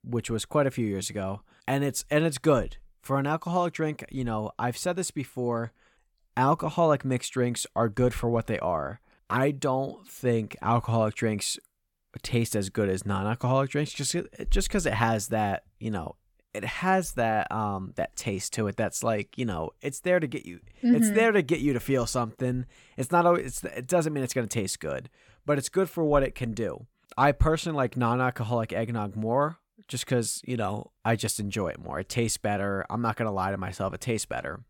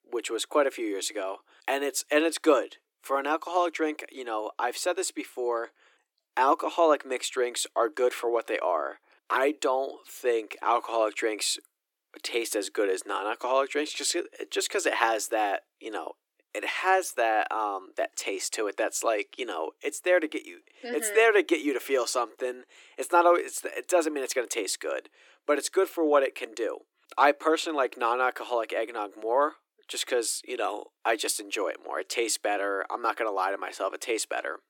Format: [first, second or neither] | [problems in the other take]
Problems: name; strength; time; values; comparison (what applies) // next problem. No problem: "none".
first | thin; very; fading below 300 Hz